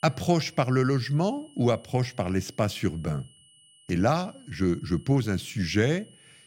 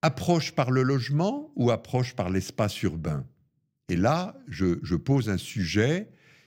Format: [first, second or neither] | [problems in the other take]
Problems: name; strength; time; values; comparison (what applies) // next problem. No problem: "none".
second | high-pitched whine; faint; throughout; 3 kHz, 25 dB below the speech